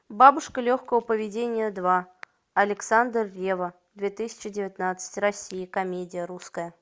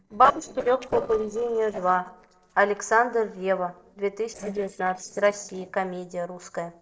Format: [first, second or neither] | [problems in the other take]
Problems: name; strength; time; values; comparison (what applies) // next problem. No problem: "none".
first | noise reduction (neural separator model SepFormer DNS4)